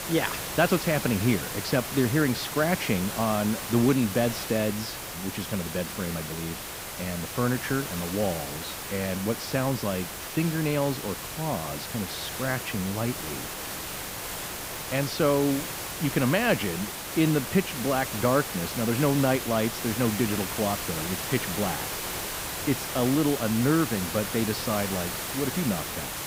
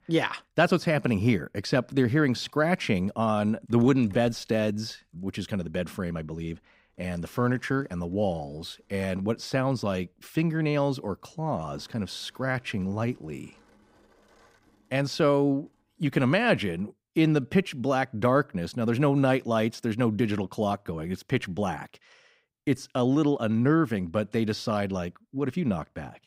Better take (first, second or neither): second